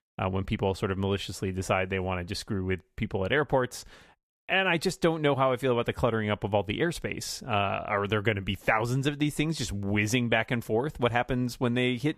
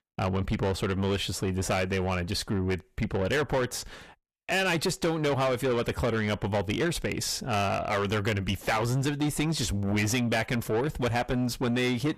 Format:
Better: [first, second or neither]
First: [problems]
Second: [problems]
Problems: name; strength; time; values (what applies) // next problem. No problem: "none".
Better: first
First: none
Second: distortion; heavy; 7 dB below the speech